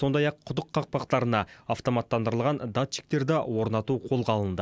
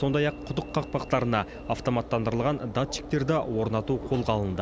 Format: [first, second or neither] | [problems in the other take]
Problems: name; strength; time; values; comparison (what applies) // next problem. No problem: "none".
first | background sound (Alarm / Engine / Train); 13 dB below the speech